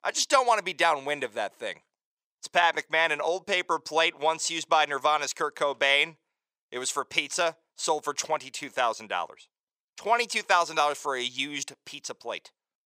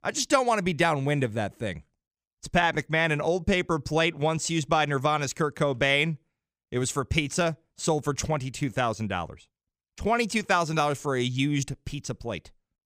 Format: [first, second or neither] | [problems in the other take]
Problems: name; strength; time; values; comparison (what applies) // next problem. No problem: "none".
second | thin; very; fading below 600 Hz